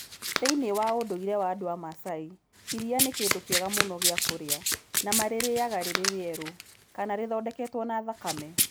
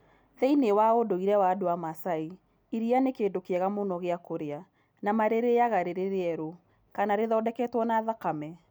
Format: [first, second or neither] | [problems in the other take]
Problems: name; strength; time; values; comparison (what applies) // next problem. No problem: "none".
second | background sound (Domestic sounds, home sounds); 1 dB below the speech